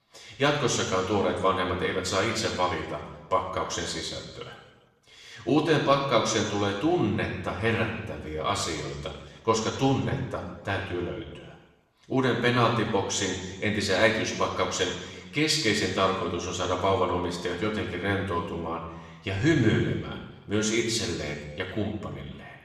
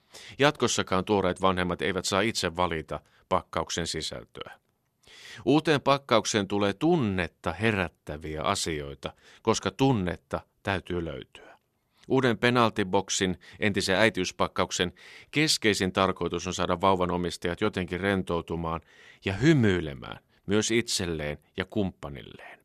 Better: second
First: room echo; noticeable; dies away in 1.1 s // off-mic speech; far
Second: none

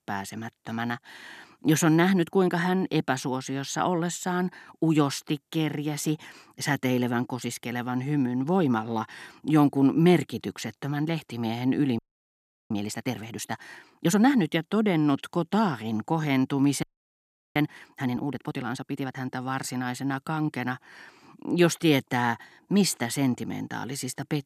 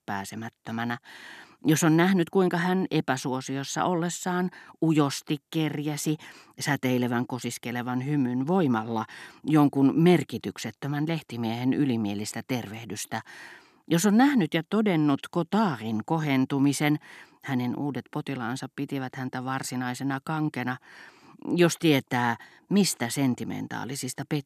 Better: second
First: audio freezing; at 12 s for 0.5 s and at 17 s for 0.5 s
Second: none

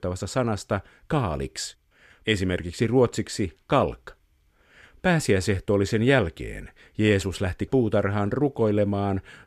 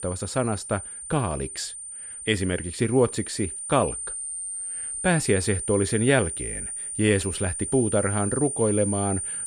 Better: first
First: none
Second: high-pitched whine; loud; throughout; 9 kHz, 5 dB below the speech

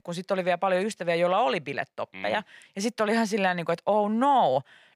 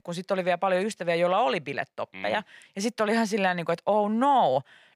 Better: neither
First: none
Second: none

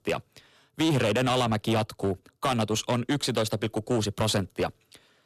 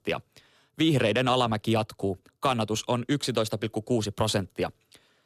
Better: second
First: distortion; slight; 10% of the sound clipped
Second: none

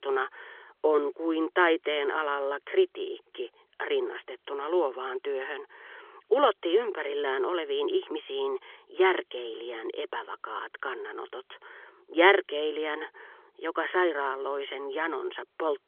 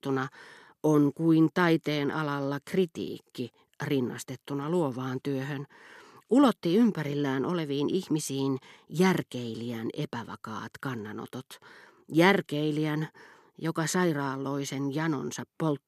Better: second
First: phone-call audio; nothing above 3.5 kHz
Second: none

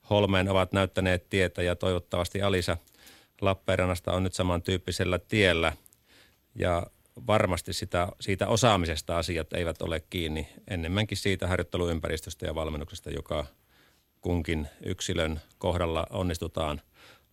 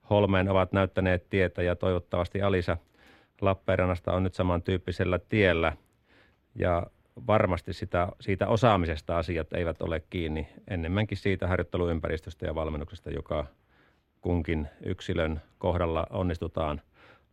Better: first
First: none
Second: muffled; slightly; fading above 4 kHz

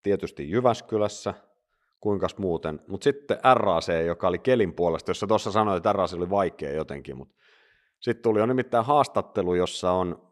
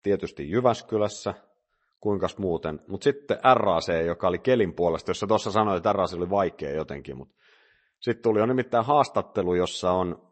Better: first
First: none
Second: garbled, watery; slightly; nothing above 8 kHz

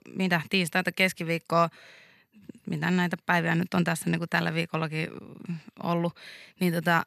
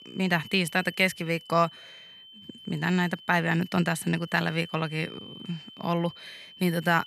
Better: first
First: none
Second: high-pitched whine; noticeable; throughout; 3 kHz, 20 dB below the speech

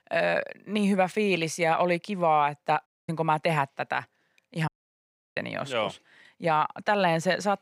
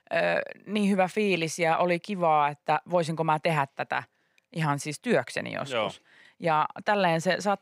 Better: second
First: audio cutting out; at 3 s and at 4.5 s for 0.5 s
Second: none

